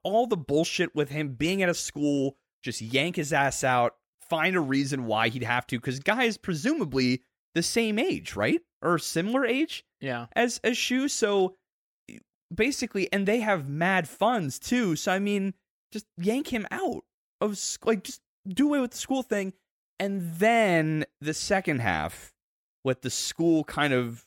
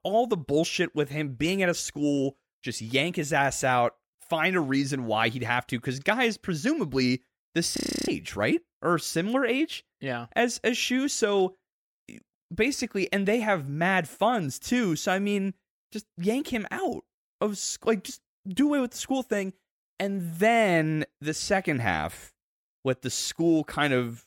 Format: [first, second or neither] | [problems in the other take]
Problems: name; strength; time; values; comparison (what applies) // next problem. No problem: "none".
first | audio freezing; at 8 s